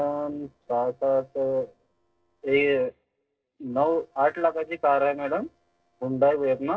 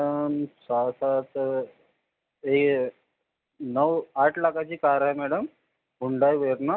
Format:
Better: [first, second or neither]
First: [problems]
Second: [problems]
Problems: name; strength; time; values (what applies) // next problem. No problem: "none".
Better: second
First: noise reduction (neural separator model SepFormer DNS4)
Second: none